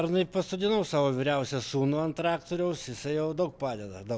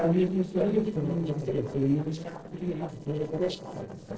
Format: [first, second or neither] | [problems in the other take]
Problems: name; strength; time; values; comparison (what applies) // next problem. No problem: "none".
first | noise reduction (neural separator model SepFormer DNS4)